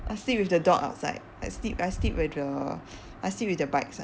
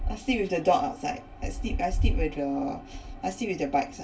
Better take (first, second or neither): first